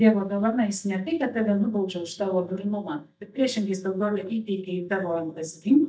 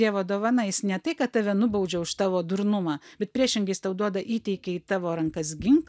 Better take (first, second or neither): second